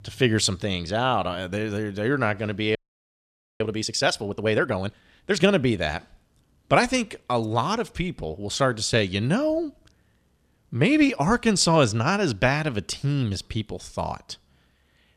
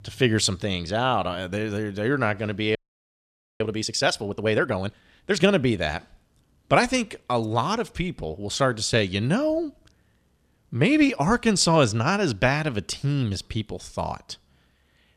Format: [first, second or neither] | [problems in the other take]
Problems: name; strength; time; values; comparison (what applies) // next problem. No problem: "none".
neither | audio freezing; at 3 s for 1 s; the same in both